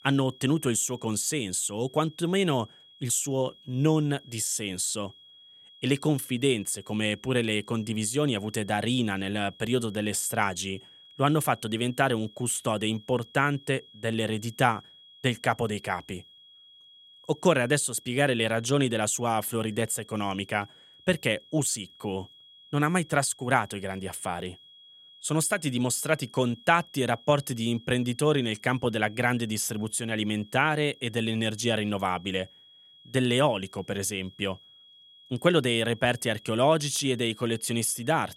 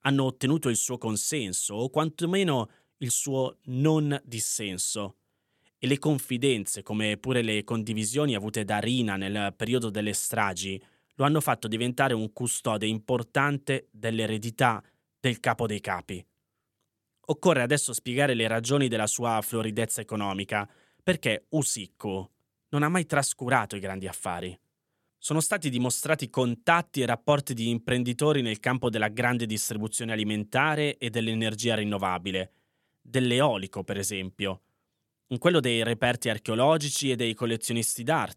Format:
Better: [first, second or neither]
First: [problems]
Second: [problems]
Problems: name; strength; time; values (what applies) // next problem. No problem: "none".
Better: second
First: high-pitched whine; faint; throughout; 3.5 kHz, 25 dB below the speech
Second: none